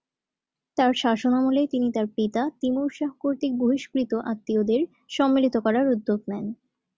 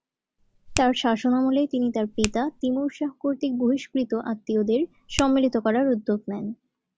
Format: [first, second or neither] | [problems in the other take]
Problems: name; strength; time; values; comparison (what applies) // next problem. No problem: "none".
first | background sound (Finger snapping); 11 dB below the speech